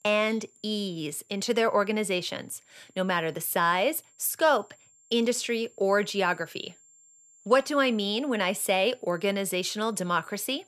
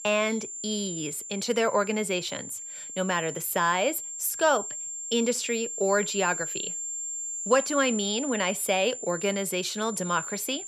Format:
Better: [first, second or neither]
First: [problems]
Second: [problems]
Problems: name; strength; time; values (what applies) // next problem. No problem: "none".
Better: first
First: high-pitched whine; faint; throughout; 7 kHz, 30 dB below the speech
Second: high-pitched whine; loud; throughout; 7 kHz, 6 dB below the speech